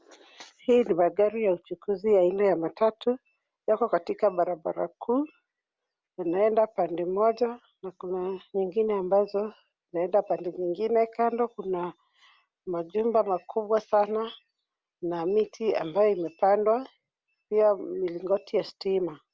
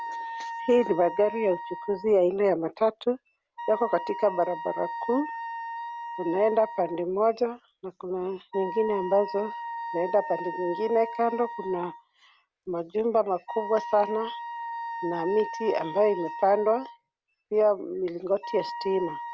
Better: first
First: none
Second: background sound (Wind instrument, woodwind instrument); 10 dB below the speech

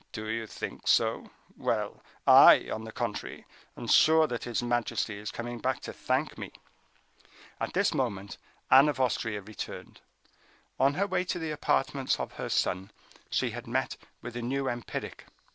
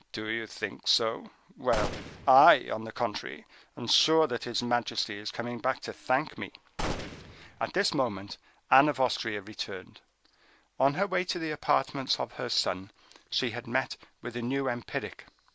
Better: first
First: none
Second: background sound (Gunshot, gunfire); 8 dB below the speech

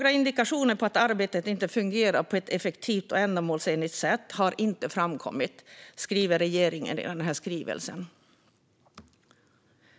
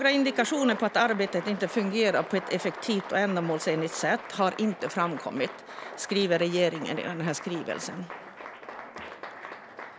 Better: first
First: none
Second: background sound (Applause); 12 dB below the speech

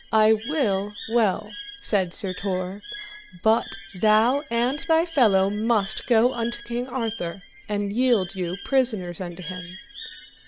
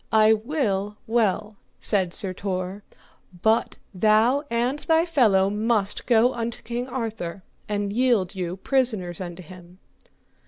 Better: second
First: background sound (Bird); 15 dB below the speech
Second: none

